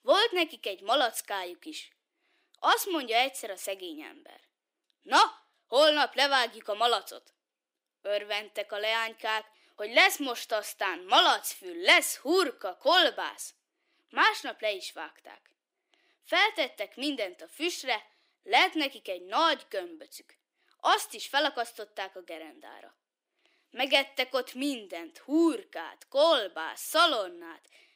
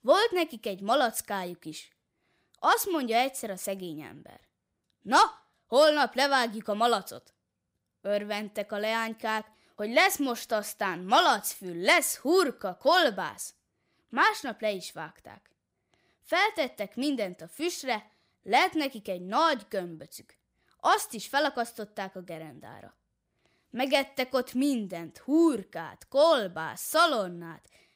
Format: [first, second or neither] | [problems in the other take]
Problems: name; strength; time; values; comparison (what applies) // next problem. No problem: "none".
second | thin; very slightly; fading below 300 Hz